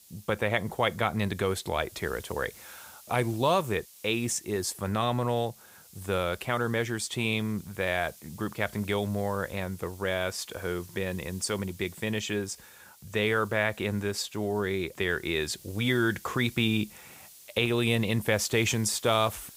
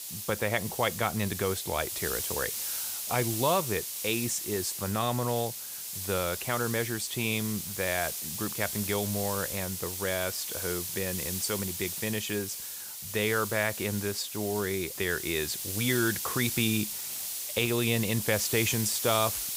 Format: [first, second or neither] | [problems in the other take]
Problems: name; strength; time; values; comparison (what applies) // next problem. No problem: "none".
first | hiss; loud; throughout; 3 dB below the speech; faint in the first